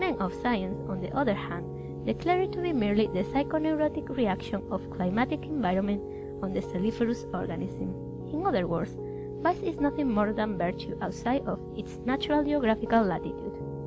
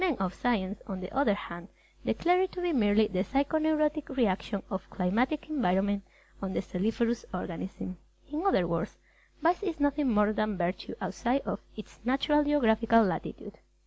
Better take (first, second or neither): second